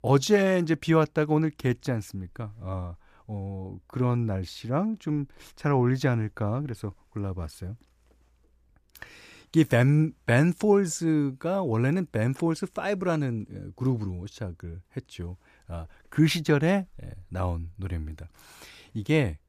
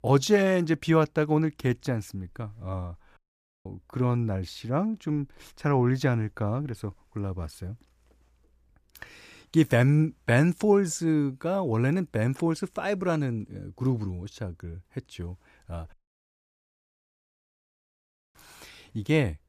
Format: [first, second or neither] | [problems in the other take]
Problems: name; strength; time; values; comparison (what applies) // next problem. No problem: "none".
first | audio cutting out; at 3 s and at 16 s for 2.5 s